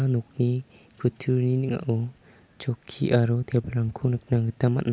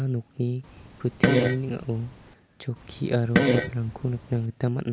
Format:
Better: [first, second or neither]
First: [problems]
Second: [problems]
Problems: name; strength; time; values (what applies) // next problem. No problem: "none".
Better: first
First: none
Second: background sound (Fart); 1 dB above the speech